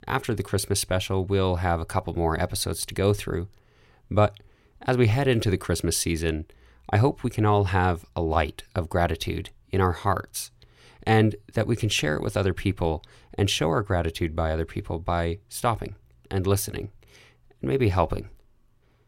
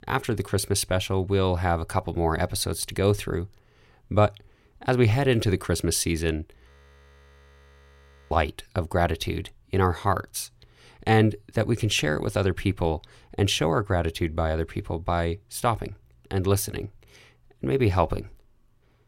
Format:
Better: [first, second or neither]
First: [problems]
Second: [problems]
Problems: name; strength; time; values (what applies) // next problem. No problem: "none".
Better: first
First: none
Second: audio freezing; at 6.5 s for 1.5 s